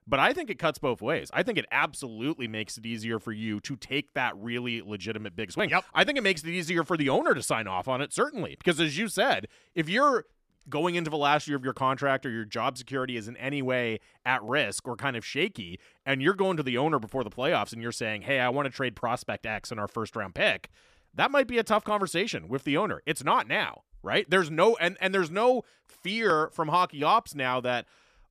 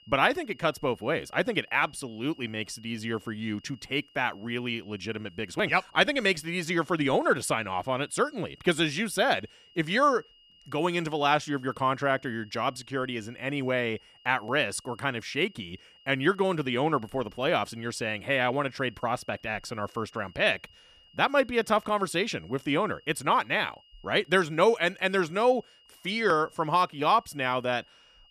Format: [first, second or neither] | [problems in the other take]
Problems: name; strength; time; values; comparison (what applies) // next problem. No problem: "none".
first | high-pitched whine; faint; throughout; 3 kHz, 30 dB below the speech